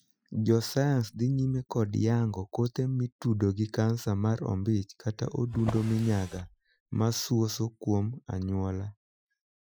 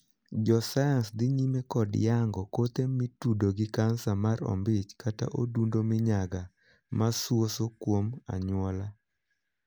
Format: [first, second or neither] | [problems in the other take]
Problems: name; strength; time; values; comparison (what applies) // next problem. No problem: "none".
second | noise reduction (classical method Wiener filter)